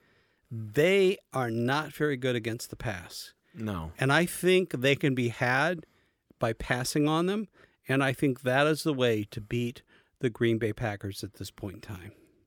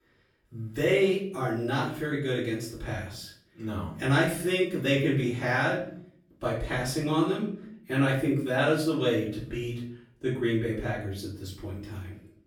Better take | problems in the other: first | room echo; noticeable; dies away in 0.5 s // off-mic speech; far

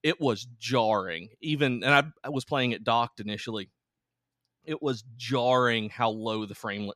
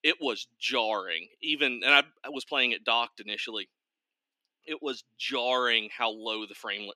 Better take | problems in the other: first | thin; very slightly; fading below 300 Hz

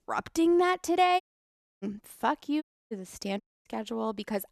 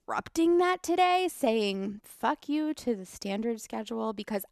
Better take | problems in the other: second | audio cutting out; at 1 s for 0.5 s, at 2.5 s and at 3.5 s

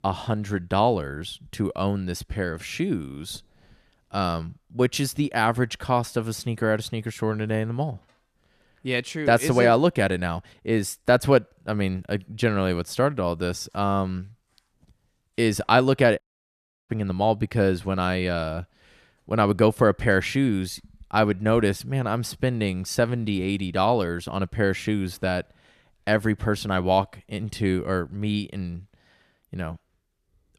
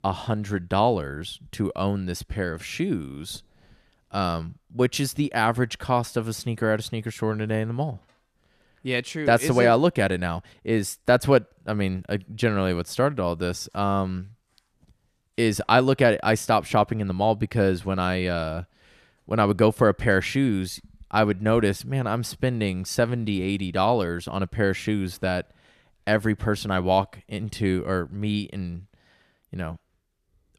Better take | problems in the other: second | audio cutting out; at 16 s for 0.5 s

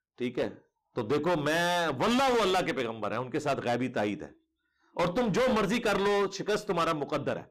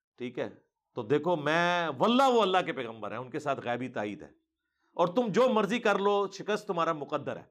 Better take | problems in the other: second | distortion; heavy; 17% of the sound clipped

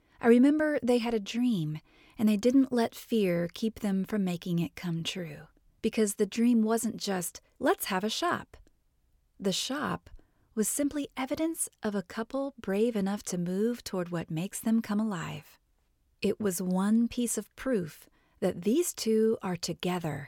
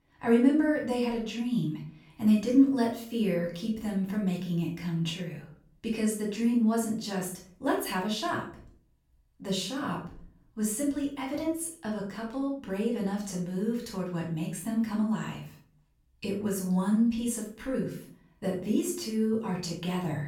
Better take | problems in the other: first | off-mic speech; far // room echo; slight; dies away in 0.4 s

